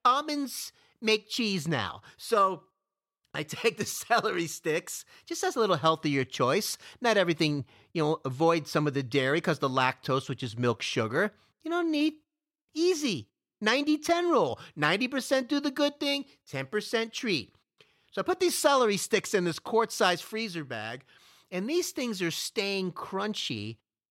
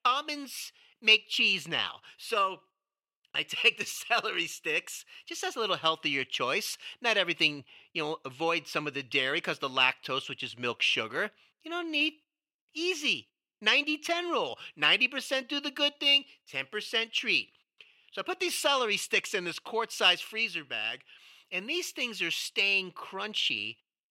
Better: first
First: none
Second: thin; very slightly; fading below 400 Hz

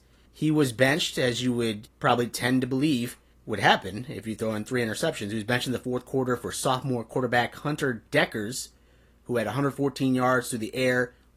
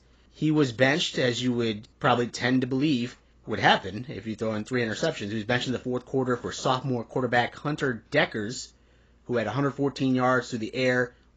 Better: first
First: garbled, watery; slightly; nothing above 14.5 kHz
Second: garbled, watery; badly; nothing above 7.5 kHz

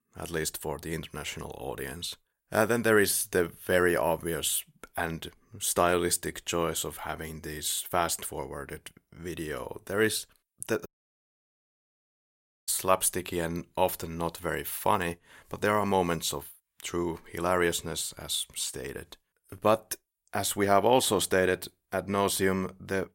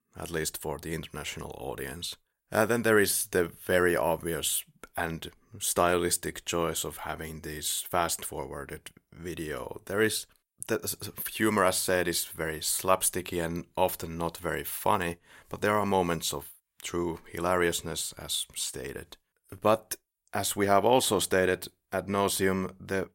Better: second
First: audio cutting out; at 11 s for 2 s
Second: none

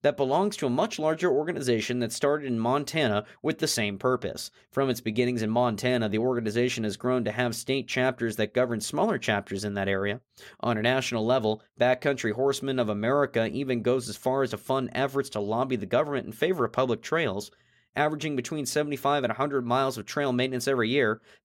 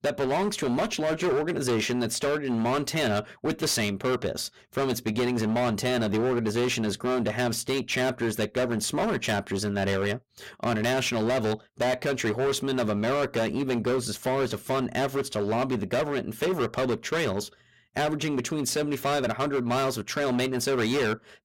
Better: first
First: none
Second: distortion; heavy; 21% of the sound clipped

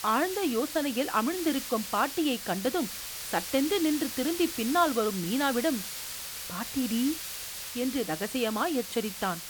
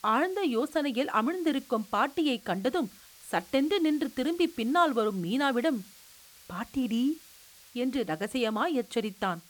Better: second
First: hiss; loud; throughout; 6 dB below the speech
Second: hiss; faint; throughout; 20 dB below the speech

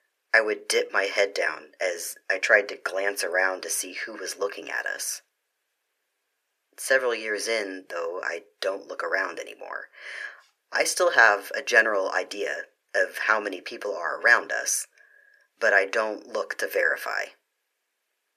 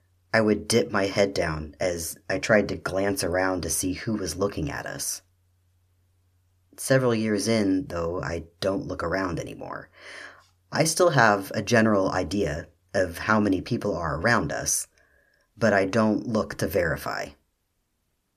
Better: second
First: thin; very; fading below 450 Hz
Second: none

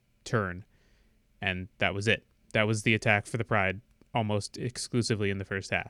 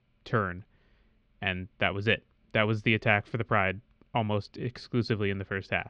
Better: first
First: none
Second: muffled; slightly; fading above 3.5 kHz

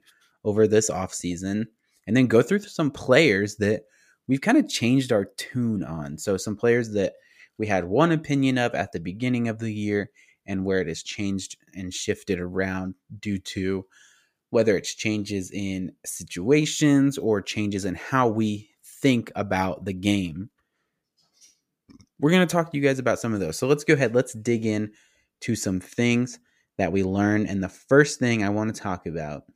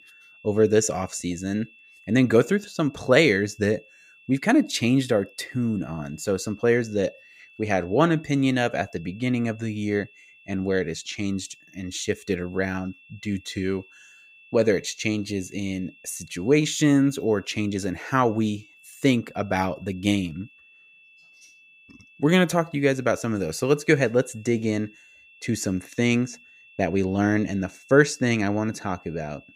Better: first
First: none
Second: high-pitched whine; faint; throughout; 2.5 kHz, 25 dB below the speech

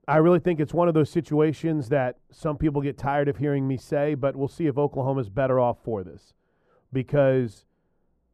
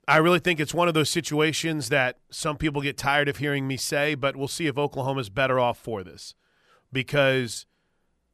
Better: second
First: muffled; very; fading above 1.5 kHz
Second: none

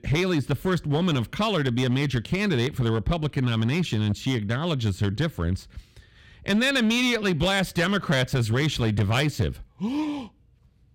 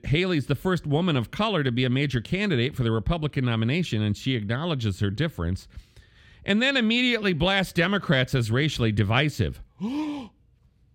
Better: second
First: distortion; slight; 6% of the sound clipped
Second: none

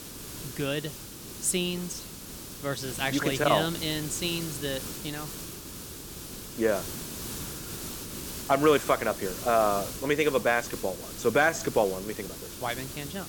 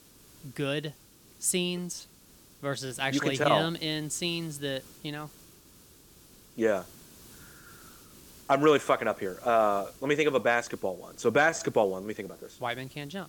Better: second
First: hiss; loud; throughout; 9 dB below the speech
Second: hiss; faint; throughout; 25 dB below the speech

